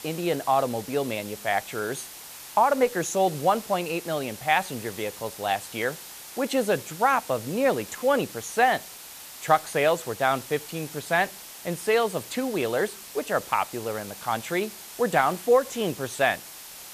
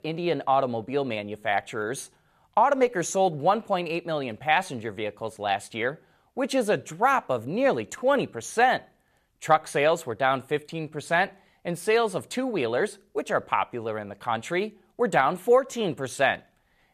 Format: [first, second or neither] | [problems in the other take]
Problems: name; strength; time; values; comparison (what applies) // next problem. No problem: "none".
second | hiss; noticeable; throughout; 15 dB below the speech